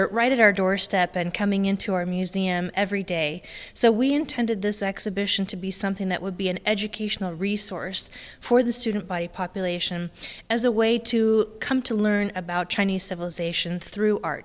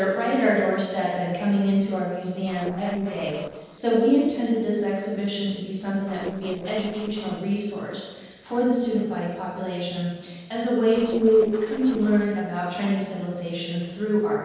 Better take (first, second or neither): first